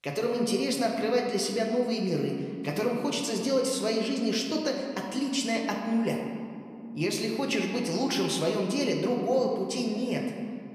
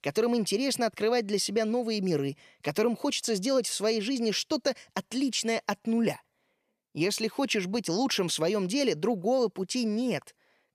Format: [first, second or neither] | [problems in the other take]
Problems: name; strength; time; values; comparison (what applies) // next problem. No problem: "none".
second | room echo; noticeable; dies away in 2.1 s // off-mic speech; somewhat distant